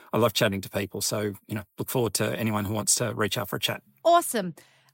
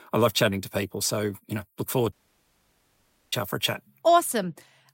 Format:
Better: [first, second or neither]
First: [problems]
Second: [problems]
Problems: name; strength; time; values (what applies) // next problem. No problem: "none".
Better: first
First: none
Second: audio cutting out; at 2 s for 1 s